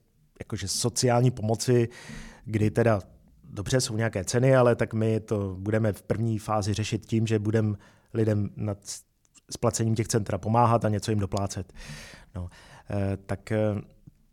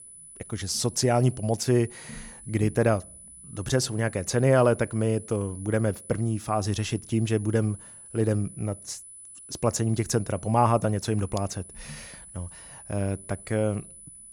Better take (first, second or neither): first